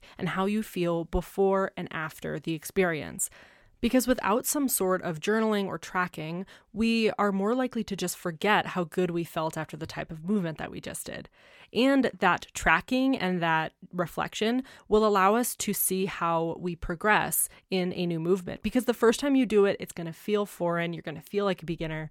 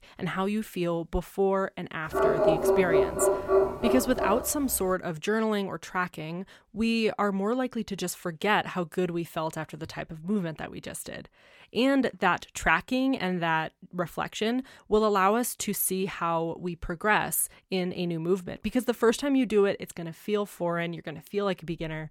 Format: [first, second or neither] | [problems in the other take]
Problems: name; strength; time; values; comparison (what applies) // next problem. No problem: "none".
first | dog barking; loud; from 2 to 4.5 s; peak 5 dB above the speech